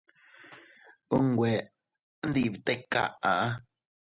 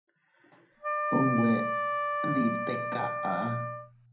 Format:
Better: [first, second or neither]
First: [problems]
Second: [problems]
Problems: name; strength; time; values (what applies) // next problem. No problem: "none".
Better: first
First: none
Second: background sound (Wind instrument, woodwind instrument); as loud as the speech // room echo; dies away in 0.6 s